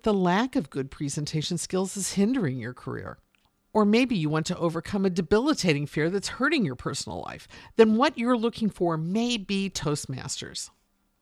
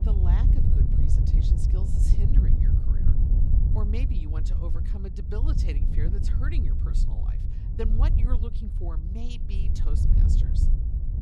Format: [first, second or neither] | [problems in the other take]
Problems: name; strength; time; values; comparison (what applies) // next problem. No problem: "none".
first | wind noise on the microphone; heavy; 1 dB above the speech